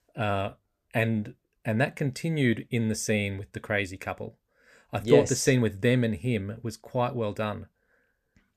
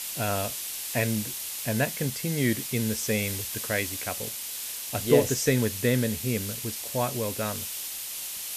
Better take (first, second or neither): first